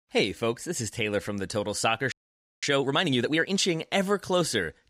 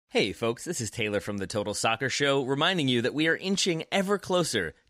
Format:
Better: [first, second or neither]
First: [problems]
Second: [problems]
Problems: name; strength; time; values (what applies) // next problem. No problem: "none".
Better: second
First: audio freezing; at 2 s for 0.5 s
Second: none